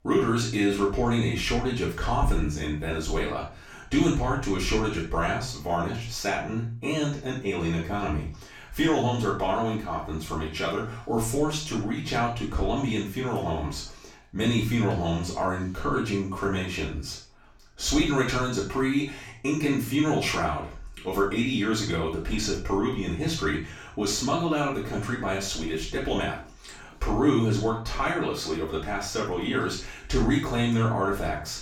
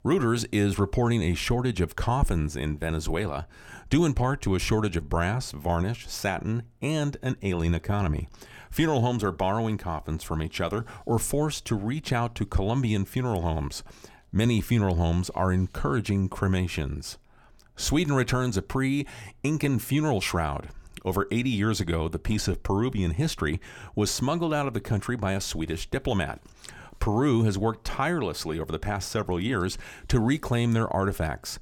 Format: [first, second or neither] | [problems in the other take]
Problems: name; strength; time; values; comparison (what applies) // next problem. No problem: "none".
second | room echo; noticeable; dies away in 0.3 s // off-mic speech; far